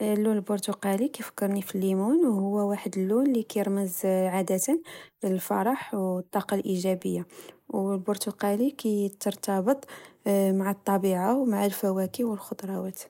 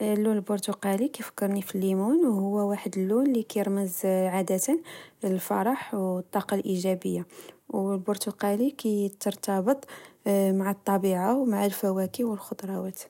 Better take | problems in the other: second | noise reduction (neural mask model Resemble Enhance denoiser)

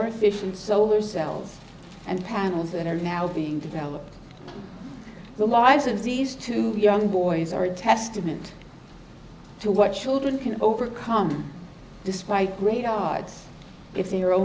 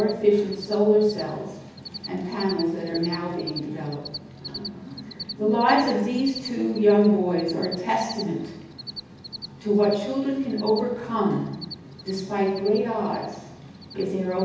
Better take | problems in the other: first | background sound (Cricket); 16 dB below the speech // room echo; dies away in 0.8 s

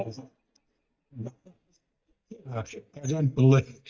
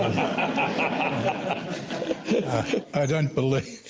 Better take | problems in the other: second | noise reduction (neural mask model DeepFilterNet 3)

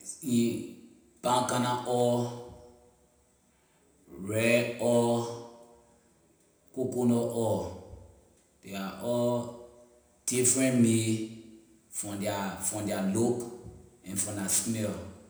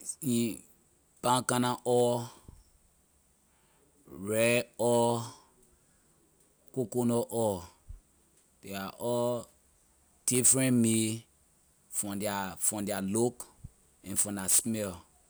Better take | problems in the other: second | room echo; dies away in 0.8 s

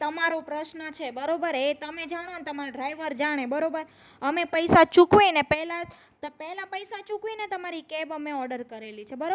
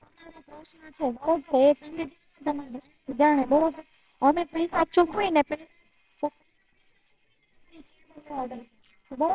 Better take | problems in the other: first | noise reduction (neural separator model SepFormer WHAMR!)

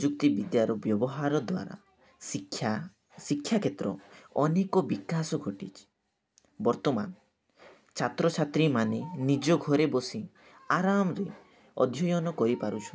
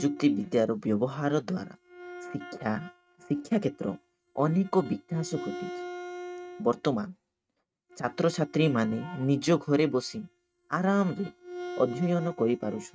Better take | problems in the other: first | noise reduction (neural mask model RNNoise)

